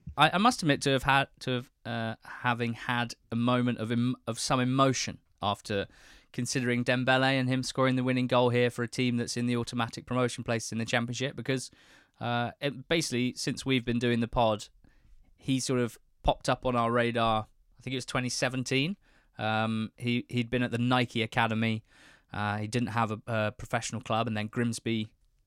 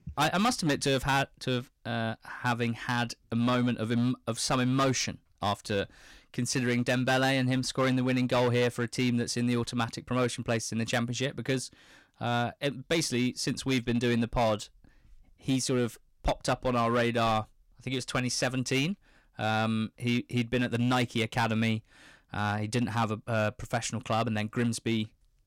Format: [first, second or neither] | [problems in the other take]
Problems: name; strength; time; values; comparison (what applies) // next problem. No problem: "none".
first | distortion; slight; 7% of the sound clipped